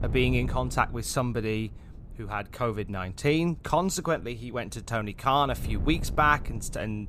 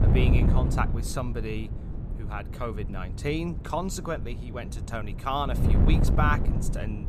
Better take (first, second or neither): first